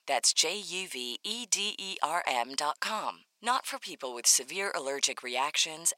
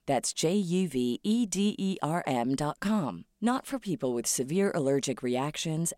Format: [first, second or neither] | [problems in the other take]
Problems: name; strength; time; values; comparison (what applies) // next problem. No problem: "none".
second | thin; very; fading below 850 Hz